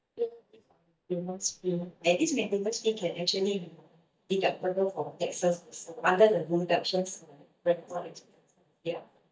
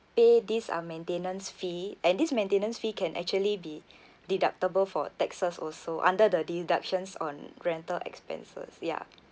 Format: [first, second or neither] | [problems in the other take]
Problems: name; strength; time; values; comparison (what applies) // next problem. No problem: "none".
second | noise reduction (neural mask model DeepFilterNet 3)